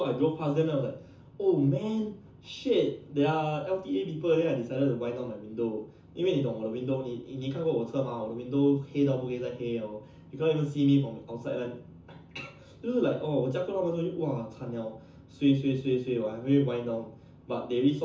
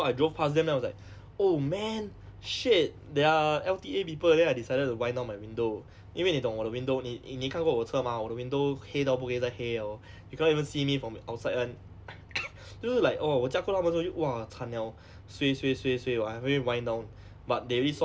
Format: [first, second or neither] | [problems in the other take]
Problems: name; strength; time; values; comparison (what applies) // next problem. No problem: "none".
second | room echo; dies away in 0.9 s